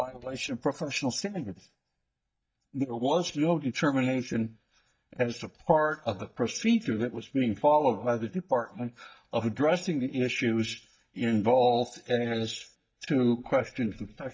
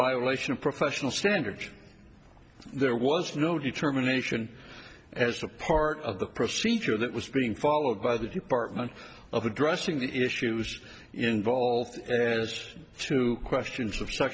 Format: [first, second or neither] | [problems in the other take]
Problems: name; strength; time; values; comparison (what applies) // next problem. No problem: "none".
second | noise reduction (neural mask model DeepFilterNet 3)